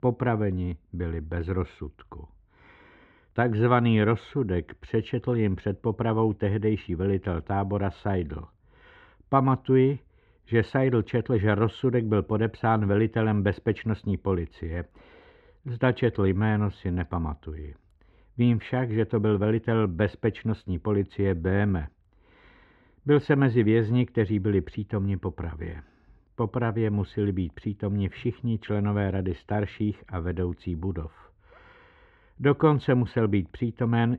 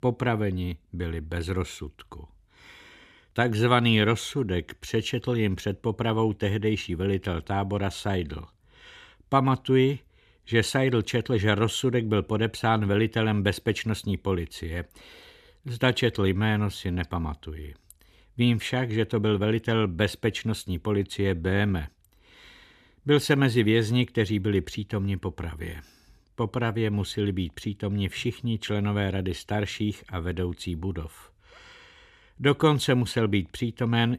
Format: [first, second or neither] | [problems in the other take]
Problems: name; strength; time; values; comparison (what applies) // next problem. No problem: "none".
second | muffled; very; fading above 1.5 kHz